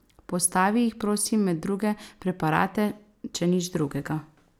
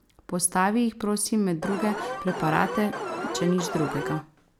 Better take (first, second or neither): first